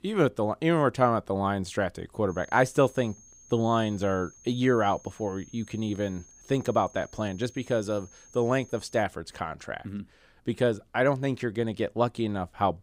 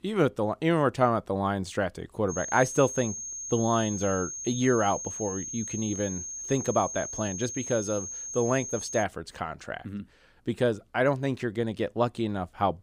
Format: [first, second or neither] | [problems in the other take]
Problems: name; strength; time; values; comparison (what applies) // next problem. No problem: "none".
first | high-pitched whine; loud; from 2.5 to 9 s; 6.5 kHz, 6 dB below the speech; faint in the first